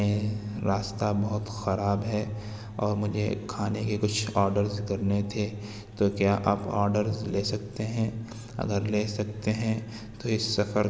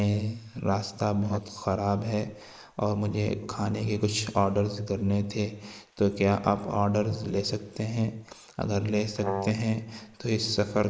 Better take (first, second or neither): first